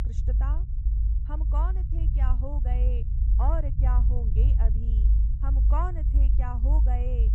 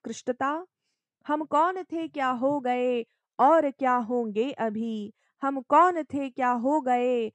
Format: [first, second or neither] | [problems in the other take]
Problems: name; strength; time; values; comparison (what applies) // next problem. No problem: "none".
second | low rumble; loud; throughout; 7 dB below the speech